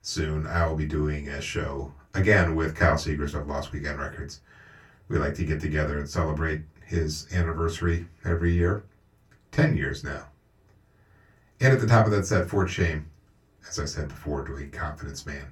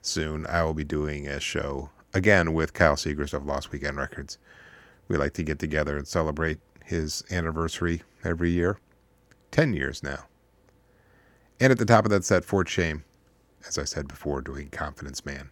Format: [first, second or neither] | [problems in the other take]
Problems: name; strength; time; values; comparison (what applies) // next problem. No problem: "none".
second | off-mic speech; far // room echo; very slight; dies away in 0.2 s